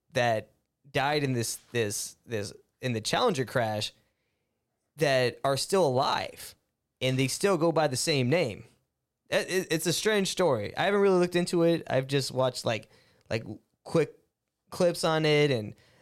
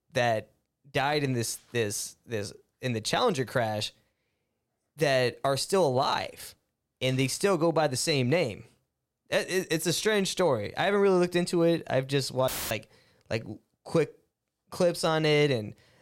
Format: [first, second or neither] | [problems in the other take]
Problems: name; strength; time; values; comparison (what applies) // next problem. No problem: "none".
first | audio cutting out; filled with static; at 12 s